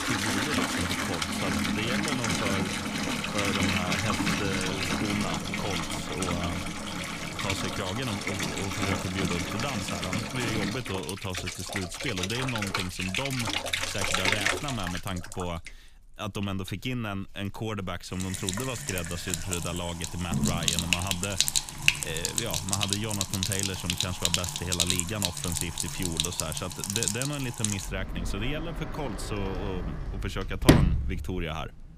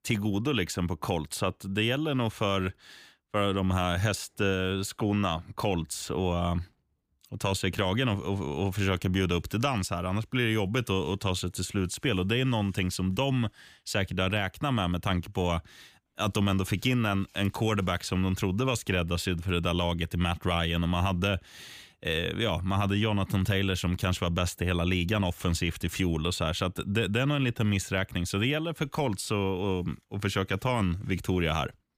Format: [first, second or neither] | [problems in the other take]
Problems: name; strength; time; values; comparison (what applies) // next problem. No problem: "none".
second | household noises; very loud; throughout; 5 dB above the speech